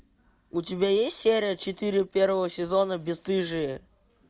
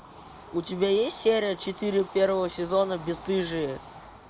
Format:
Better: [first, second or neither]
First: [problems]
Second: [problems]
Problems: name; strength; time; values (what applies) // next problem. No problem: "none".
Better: first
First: none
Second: background sound (Train / Bird vocalization, bird call, bird song); 18 dB below the speech